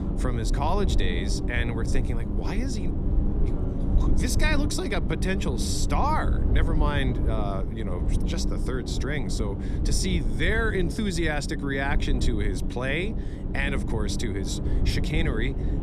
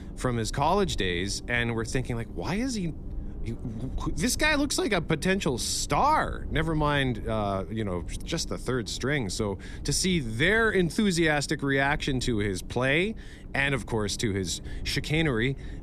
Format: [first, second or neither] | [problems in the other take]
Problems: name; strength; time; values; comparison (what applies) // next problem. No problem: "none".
second | low rumble; loud; throughout; 8 dB below the speech; faint in the second